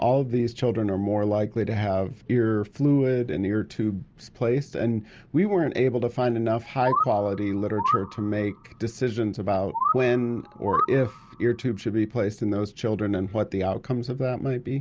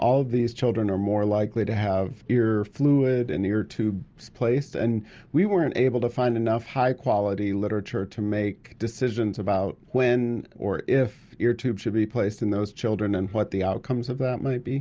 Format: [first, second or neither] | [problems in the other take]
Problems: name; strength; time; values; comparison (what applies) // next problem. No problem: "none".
second | background sound (Bird); 6 dB below the speech